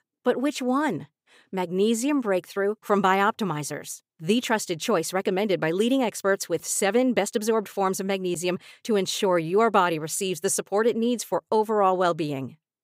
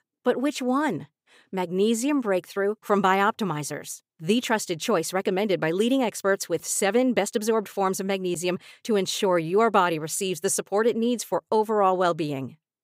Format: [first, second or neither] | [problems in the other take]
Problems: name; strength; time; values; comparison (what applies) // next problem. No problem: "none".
neither | none